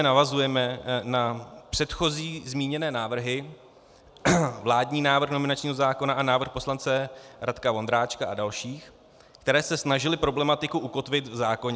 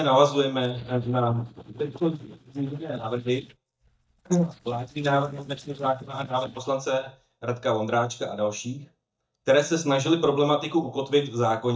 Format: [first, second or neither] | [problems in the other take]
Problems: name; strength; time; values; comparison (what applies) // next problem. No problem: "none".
first | noise reduction (neural mask model DeepFilterNet 3)